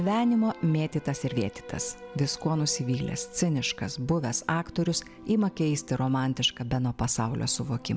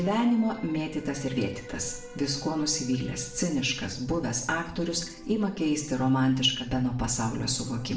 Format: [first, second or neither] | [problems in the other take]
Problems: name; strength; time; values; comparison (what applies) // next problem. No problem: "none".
first | room echo; dies away in 0.5 s